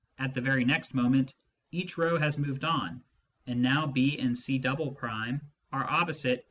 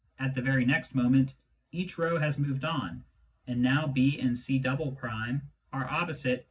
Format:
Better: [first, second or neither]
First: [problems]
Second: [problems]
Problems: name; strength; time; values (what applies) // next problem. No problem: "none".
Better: first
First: none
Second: room echo; dies away in 0.4 s